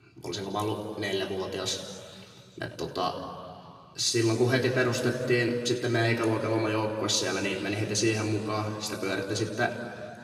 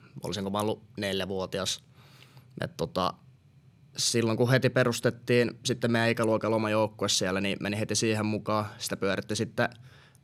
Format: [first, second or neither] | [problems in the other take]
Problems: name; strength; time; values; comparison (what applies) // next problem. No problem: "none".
second | room echo; noticeable; dies away in 2.2 s // off-mic speech; far